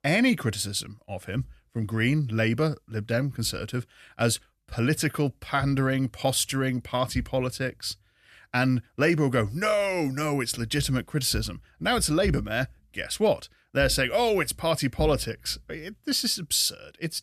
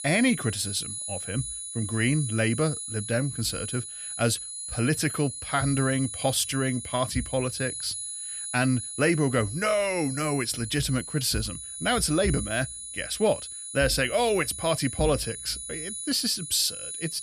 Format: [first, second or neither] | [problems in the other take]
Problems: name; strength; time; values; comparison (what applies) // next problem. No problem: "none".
first | high-pitched whine; loud; throughout; 10 kHz, 7 dB below the speech